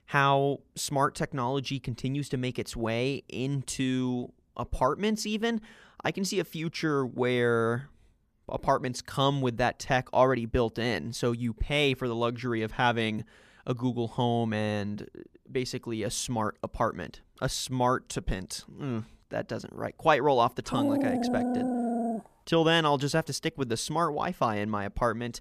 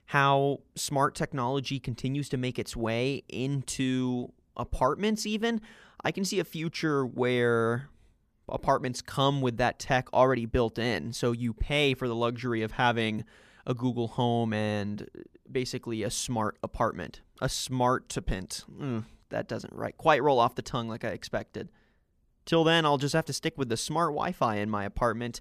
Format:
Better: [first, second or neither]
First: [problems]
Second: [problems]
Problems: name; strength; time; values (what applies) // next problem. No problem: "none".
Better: second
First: dog barking; loud; from 21 to 22 s; peak 2 dB above the speech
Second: none